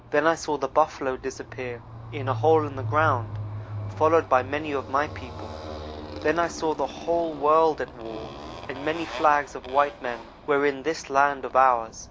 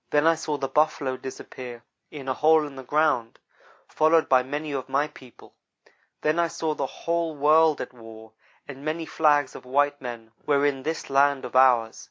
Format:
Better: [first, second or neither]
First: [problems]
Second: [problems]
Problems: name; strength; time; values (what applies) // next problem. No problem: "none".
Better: second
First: background sound (Motorcycle); 12 dB below the speech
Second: none